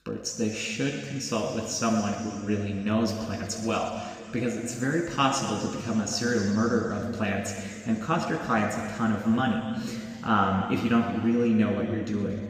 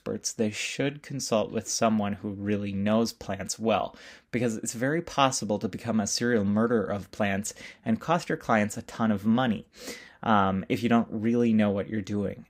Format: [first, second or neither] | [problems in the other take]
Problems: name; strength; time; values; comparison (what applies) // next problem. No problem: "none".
second | room echo; noticeable; dies away in 2.5 s // off-mic speech; somewhat distant